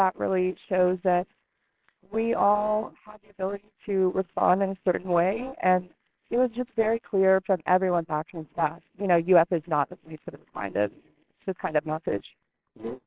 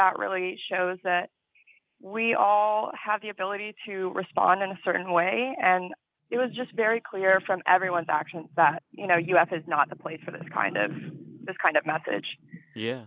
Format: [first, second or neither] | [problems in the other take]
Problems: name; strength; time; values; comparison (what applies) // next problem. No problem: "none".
second | noise reduction (neural separator model SepFormer WHAMR!)